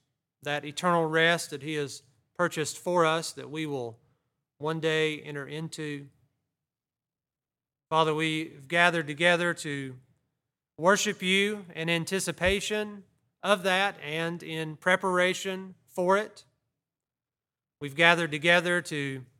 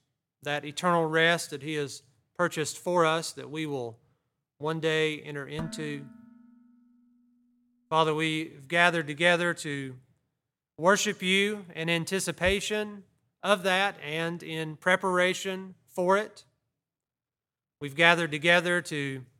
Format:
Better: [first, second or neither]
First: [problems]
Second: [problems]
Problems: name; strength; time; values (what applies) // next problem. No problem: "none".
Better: first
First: none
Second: clattering dishes; faint; at 5.5 s; peak 15 dB below the speech